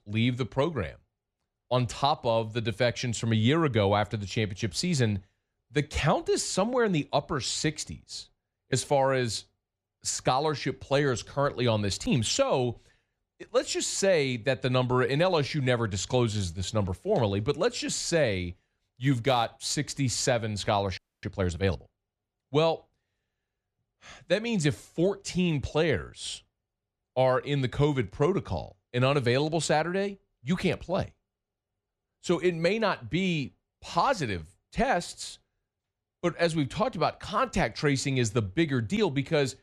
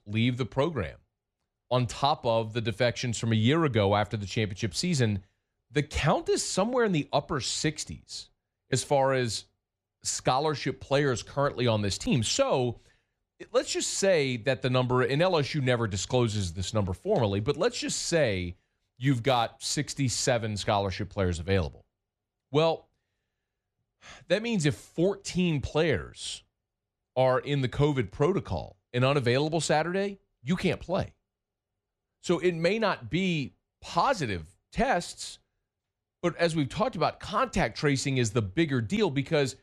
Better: second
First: audio freezing; at 21 s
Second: none

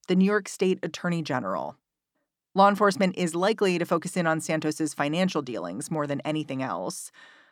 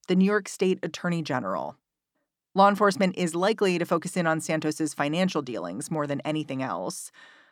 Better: neither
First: none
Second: none

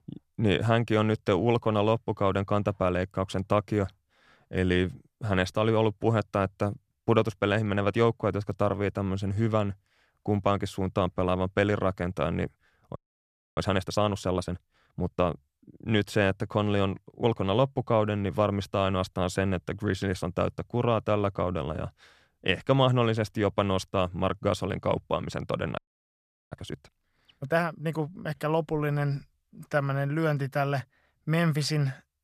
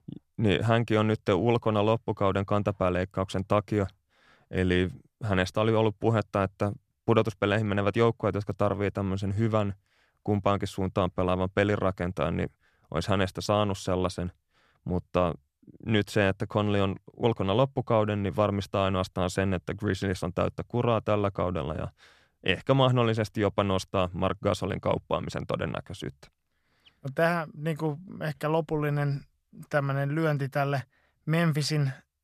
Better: second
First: audio freezing; at 13 s for 0.5 s and at 26 s for 0.5 s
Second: none

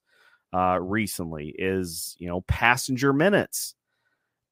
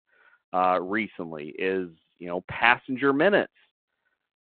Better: first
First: none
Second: phone-call audio

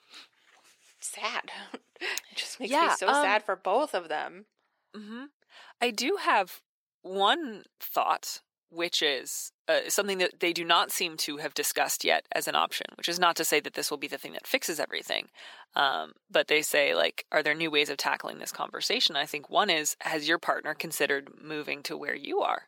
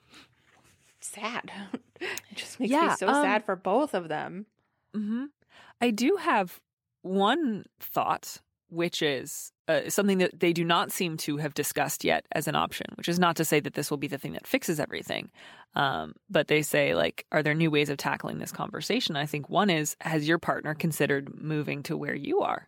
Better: second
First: thin; somewhat; fading below 450 Hz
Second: none

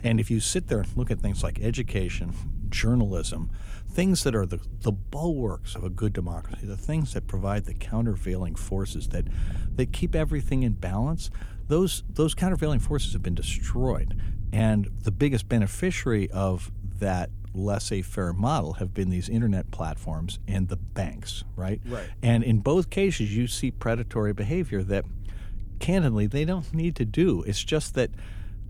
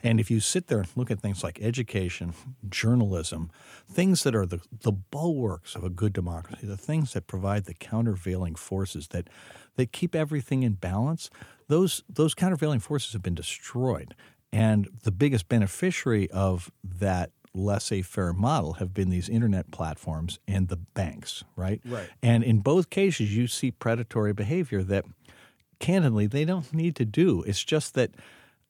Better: second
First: low rumble; faint; throughout; 20 dB below the speech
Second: none

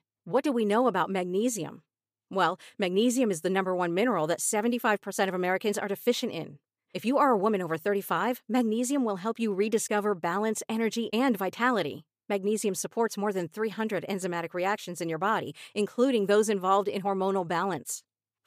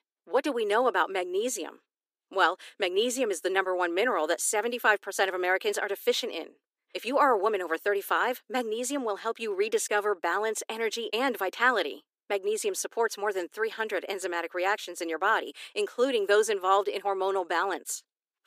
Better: first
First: none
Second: thin; somewhat; fading below 300 Hz

